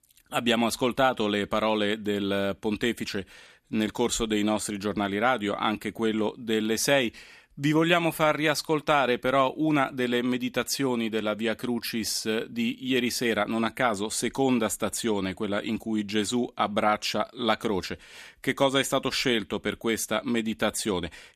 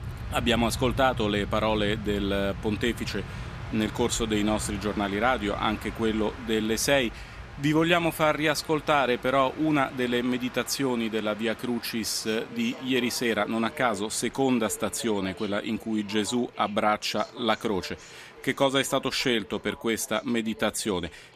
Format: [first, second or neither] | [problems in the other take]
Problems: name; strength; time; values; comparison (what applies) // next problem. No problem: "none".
first | train or aircraft noise; noticeable; throughout; 15 dB below the speech